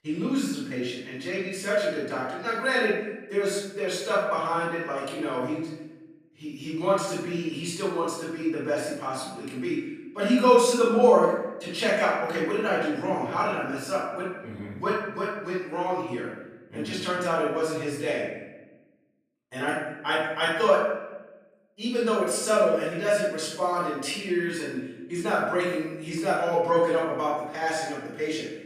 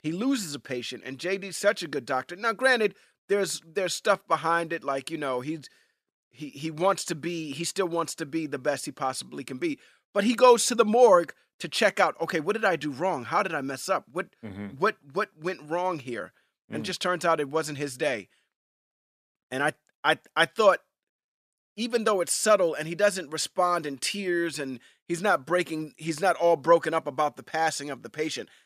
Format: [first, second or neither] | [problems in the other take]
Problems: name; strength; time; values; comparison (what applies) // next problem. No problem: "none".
second | off-mic speech; far // room echo; noticeable; dies away in 0.9 s